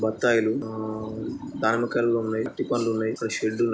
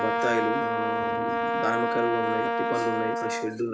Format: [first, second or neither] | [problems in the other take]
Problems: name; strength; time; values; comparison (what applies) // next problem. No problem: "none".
first | background sound (Brass instrument); 4 dB above the speech